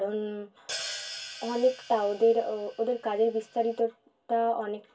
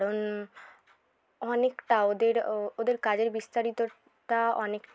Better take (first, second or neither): second